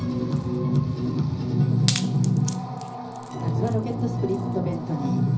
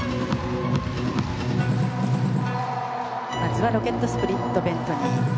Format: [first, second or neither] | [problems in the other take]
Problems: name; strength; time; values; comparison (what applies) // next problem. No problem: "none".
second | background sound (Wood); 16 dB below the speech // room echo; dies away in 0.5 s